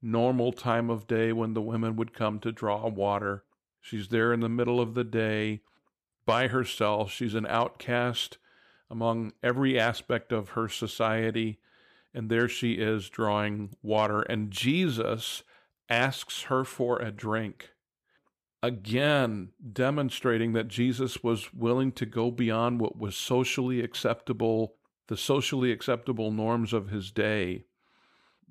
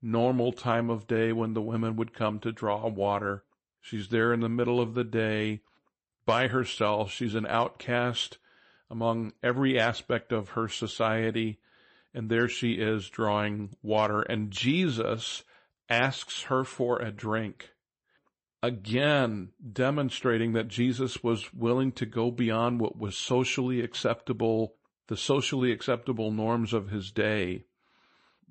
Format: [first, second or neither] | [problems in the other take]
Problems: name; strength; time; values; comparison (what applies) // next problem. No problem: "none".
first | garbled, watery; slightly; nothing above 8 kHz